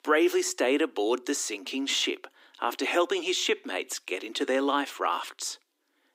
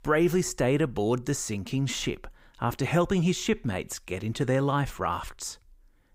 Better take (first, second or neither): second